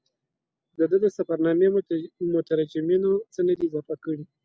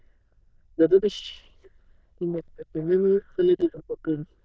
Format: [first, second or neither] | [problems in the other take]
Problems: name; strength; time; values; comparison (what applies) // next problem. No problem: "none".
first | noise reduction (neural diffusion model UNIVERSE++)